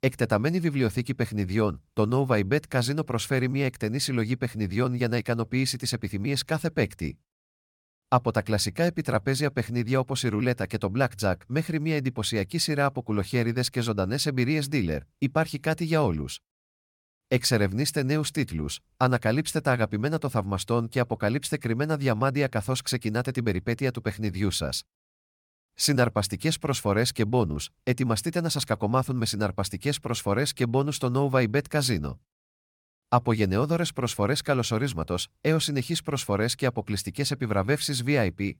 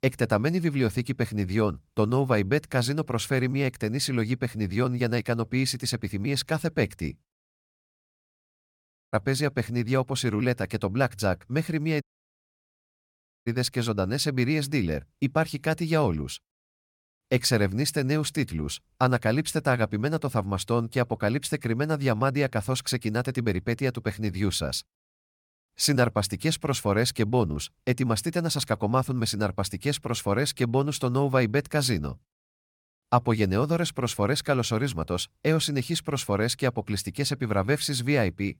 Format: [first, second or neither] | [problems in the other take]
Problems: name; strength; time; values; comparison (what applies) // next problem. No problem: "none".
first | audio cutting out; at 7.5 s for 1.5 s and at 12 s for 1.5 s